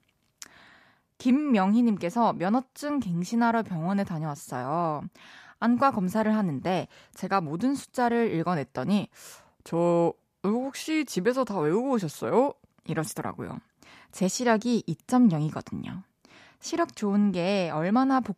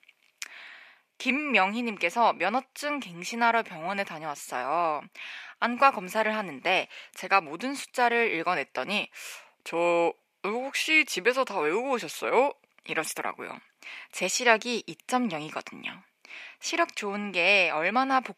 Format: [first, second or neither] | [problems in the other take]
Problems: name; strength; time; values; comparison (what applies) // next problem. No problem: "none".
first | thin; somewhat; fading below 450 Hz